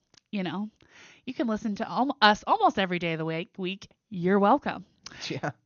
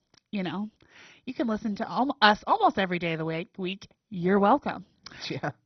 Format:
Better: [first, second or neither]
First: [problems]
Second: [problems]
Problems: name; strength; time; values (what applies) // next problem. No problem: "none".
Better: first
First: garbled, watery; slightly; nothing above 6.5 kHz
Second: garbled, watery; badly; nothing above 6 kHz